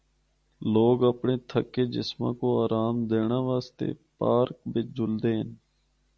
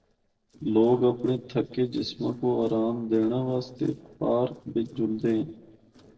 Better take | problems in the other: first | noise reduction (neural separator model SepFormer DNS4)

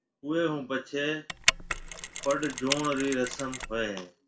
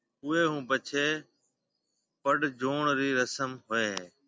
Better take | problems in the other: second | background sound (Mechanisms); 2 dB below the speech // room echo; dies away in 0.3 s

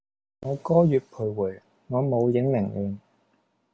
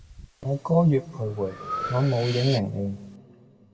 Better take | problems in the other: first | background sound (Breathing); 12 dB below the speech // room echo; dies away in 1.8 s

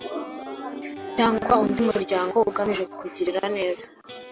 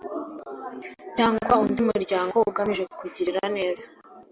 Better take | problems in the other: second | background sound (Guitar + Writing); 14 dB below the speech

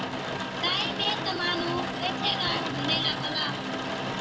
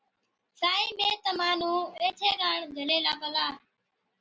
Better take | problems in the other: second | background sound (Rain); as loud as the speech // room echo; dies away in 1.1 s

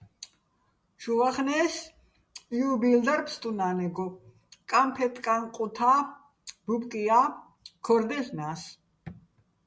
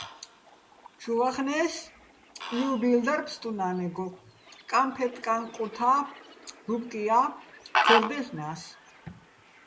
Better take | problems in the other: first | background sound (Fowl); 6 dB below the speech

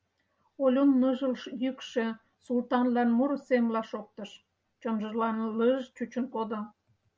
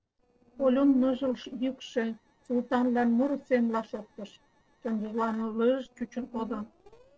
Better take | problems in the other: first | noise reduction (neural separator model SepFormer DNS4)

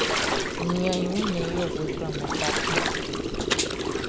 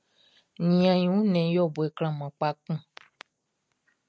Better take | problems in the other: second | background sound (Gurgling); 4 dB above the speech

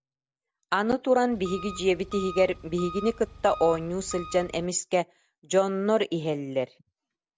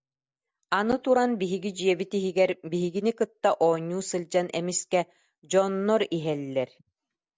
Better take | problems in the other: second | background sound (Engine); 13 dB below the speech

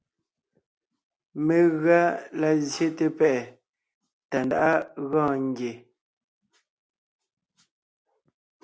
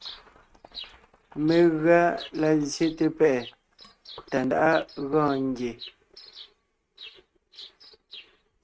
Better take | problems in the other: first | noise reduction (neural mask model RNNoise)

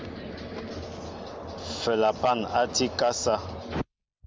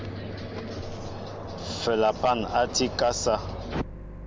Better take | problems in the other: first | background sound (Microwave oven); 11 dB below the speech

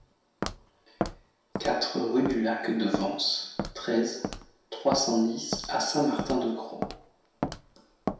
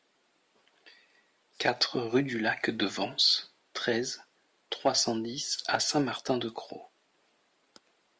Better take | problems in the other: second | background sound (Walk, footsteps); 8 dB below the speech // room echo; dies away in 0.7 s

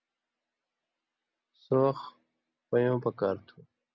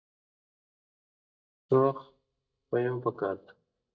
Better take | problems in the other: first | noise reduction (neural mask model DeepFilterNet 3)

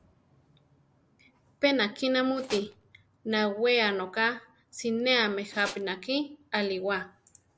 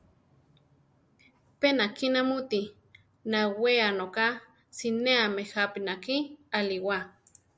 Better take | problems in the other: second | background sound (Tools); 12 dB below the speech

